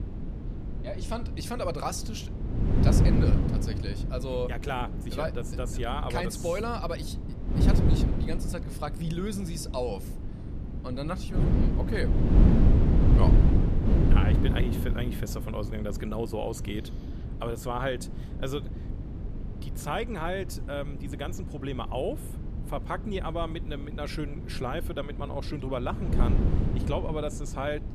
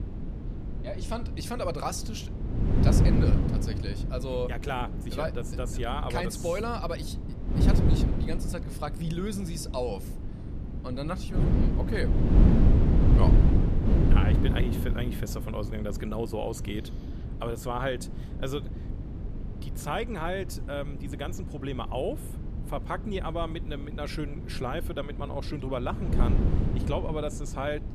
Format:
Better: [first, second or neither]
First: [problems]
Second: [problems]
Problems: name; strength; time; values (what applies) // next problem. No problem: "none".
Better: neither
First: wind noise on the microphone; heavy; 4 dB below the speech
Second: wind noise on the microphone; heavy; 4 dB below the speech